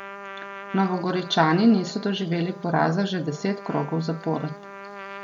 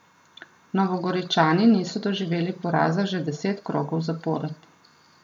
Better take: second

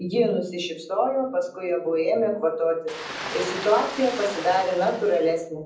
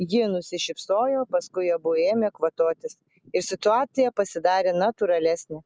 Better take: second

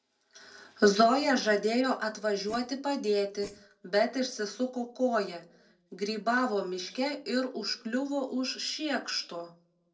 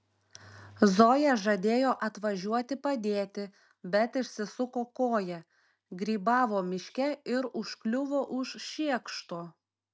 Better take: second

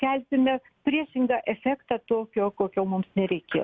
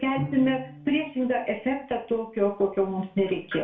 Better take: first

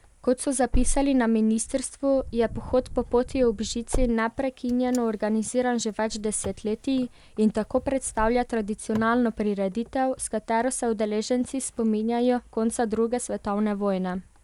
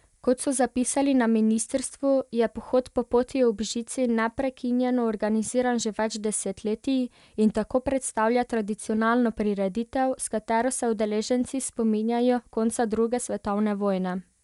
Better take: second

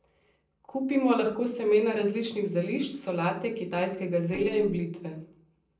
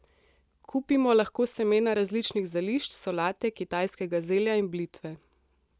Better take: second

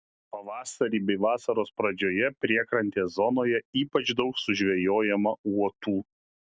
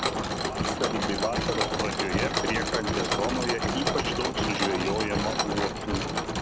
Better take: first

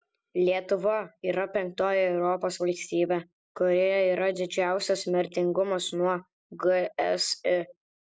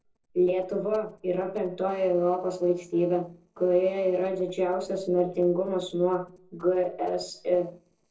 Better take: first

